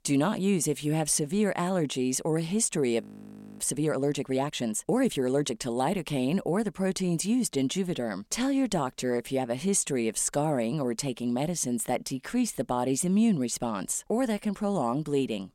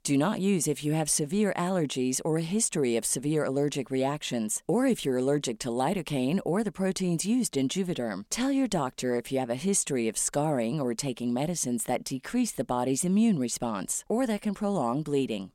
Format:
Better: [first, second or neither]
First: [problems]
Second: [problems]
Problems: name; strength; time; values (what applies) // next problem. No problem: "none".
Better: second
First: audio freezing; at 3 s for 0.5 s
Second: none